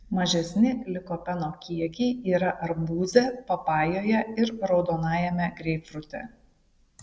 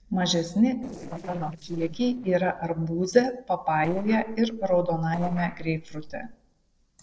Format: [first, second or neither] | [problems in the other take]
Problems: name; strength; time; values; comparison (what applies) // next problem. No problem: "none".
first | noise reduction (neural separator model SepFormer DNS4)